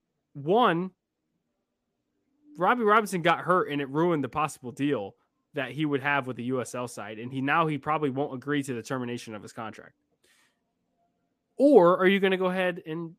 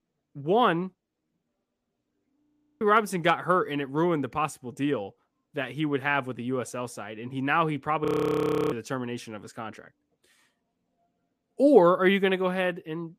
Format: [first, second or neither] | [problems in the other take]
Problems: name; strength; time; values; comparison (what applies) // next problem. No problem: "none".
first | audio freezing; at 2.5 s and at 8 s for 0.5 s